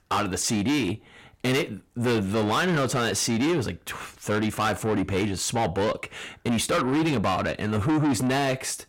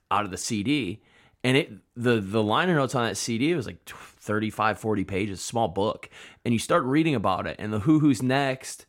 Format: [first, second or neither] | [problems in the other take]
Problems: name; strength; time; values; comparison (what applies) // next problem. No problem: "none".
second | distortion; heavy; 6 dB below the speech